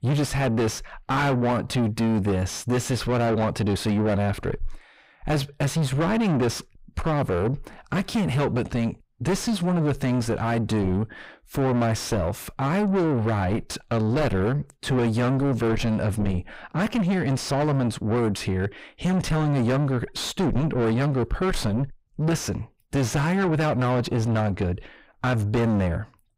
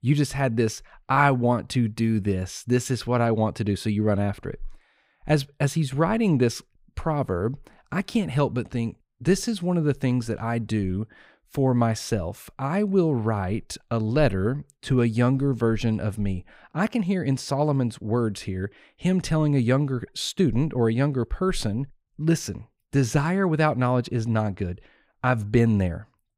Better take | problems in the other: second | distortion; heavy; 4 dB below the speech

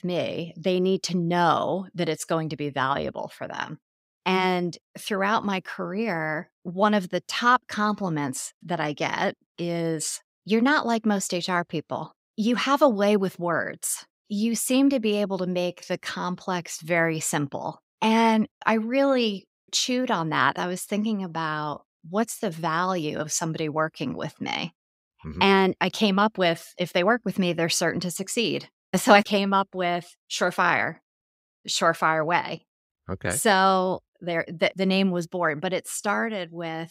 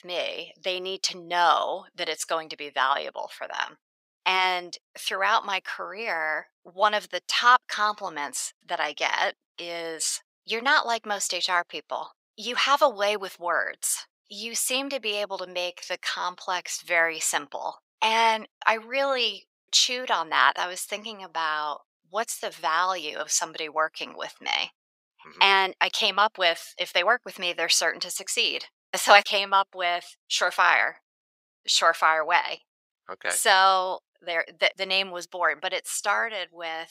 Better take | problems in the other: first | thin; very; fading below 750 Hz

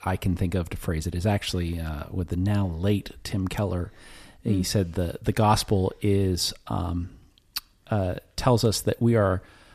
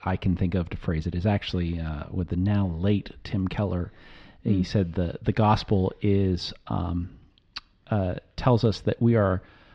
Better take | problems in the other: first | muffled; very slightly; fading above 4 kHz

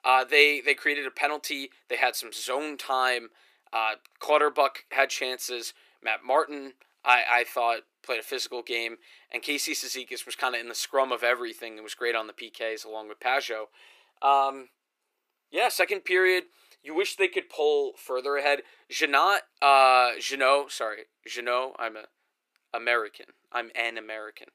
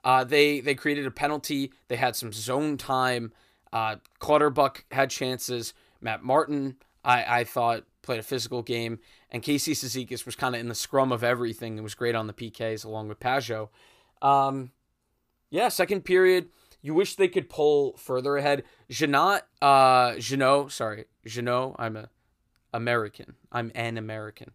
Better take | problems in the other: second | thin; somewhat; fading below 350 Hz

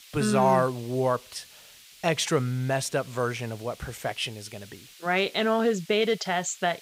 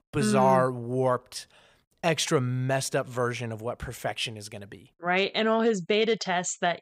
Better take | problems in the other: second | hiss; faint; throughout; 20 dB below the speech

